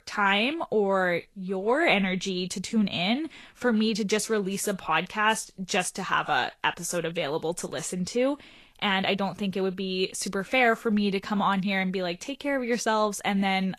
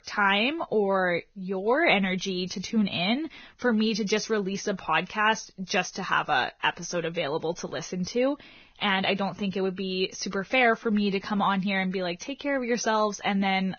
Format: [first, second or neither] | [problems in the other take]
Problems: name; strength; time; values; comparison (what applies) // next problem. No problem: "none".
first | garbled, watery; badly; nothing above 6.5 kHz; slightly in the first